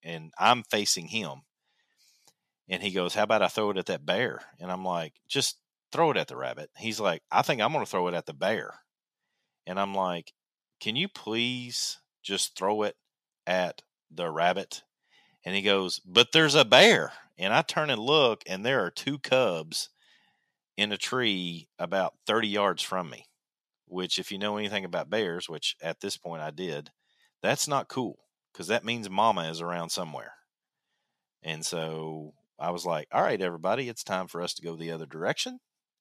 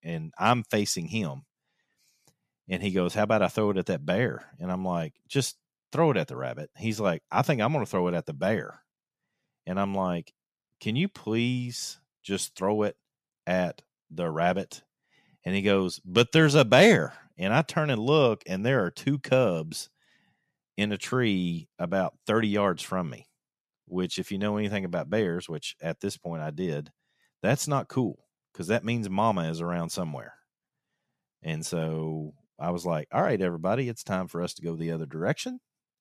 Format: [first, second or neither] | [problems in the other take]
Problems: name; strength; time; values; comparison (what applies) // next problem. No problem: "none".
second | thin; very slightly; fading below 900 Hz